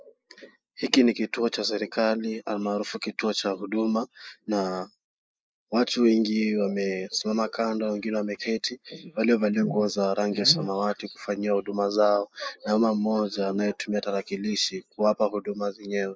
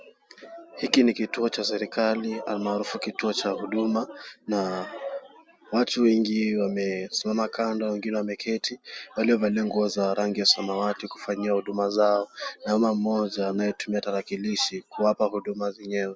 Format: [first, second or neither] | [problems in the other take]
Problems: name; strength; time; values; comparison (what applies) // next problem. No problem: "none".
second | noise reduction (neural mask model Resemble Enhance denoiser)